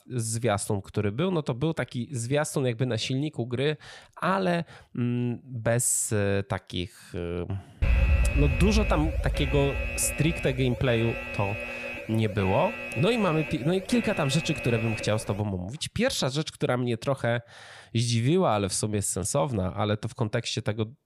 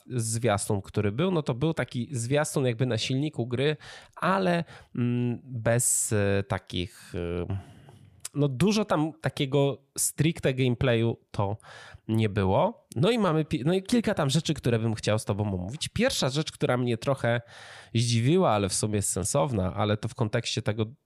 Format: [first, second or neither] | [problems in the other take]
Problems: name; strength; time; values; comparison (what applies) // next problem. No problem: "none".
second | alarm; loud; from 8 to 15 s; peak 4 dB above the speech